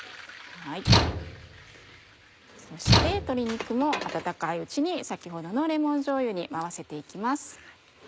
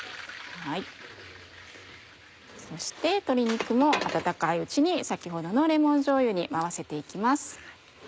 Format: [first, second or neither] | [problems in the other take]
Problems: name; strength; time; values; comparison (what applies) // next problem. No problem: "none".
second | background sound (Slam / Tools); 4 dB above the speech